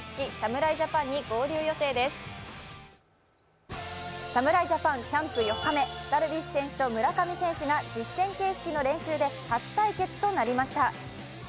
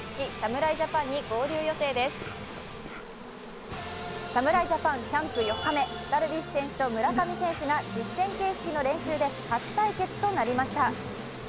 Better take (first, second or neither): first